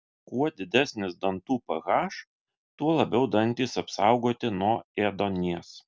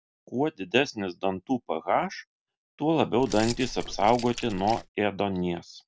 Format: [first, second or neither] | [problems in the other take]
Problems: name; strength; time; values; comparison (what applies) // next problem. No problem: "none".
first | background sound (Keys jangling); 11 dB below the speech